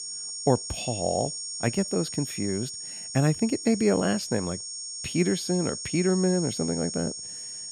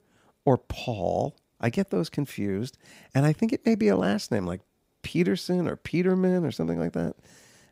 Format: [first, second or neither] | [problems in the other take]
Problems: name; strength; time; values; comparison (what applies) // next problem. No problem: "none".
second | high-pitched whine; loud; throughout; 6.5 kHz, 6 dB below the speech